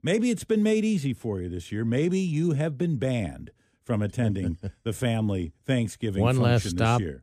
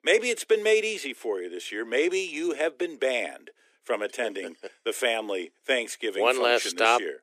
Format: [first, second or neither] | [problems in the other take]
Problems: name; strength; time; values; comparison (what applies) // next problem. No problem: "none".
first | thin; very; fading below 350 Hz